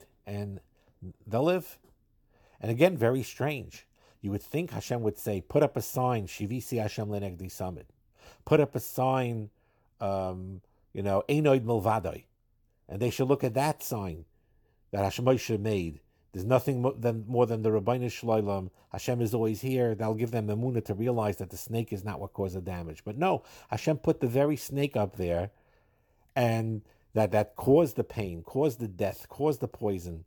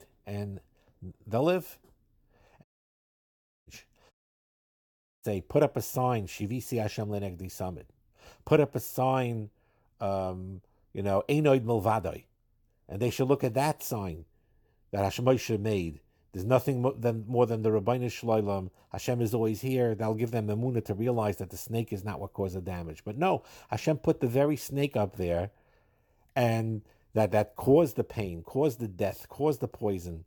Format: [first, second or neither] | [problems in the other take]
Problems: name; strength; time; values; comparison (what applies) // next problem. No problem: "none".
first | audio cutting out; at 2.5 s for 1 s and at 4 s for 1 s